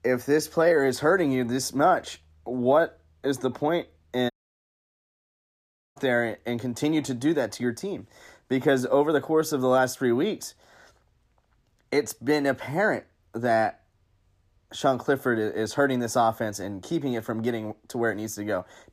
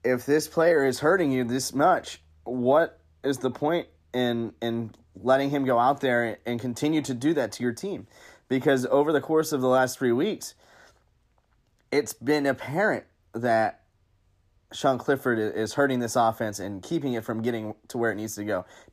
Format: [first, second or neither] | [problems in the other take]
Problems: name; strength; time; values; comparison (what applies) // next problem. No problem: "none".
second | audio cutting out; at 4.5 s for 1.5 s